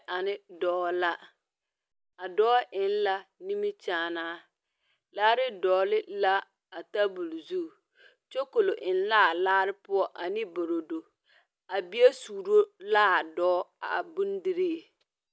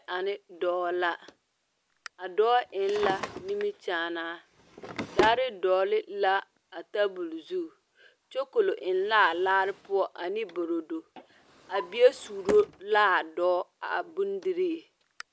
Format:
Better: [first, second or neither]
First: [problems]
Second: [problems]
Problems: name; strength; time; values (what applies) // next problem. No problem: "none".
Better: first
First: none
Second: background sound (Drawer open or close); 13 dB below the speech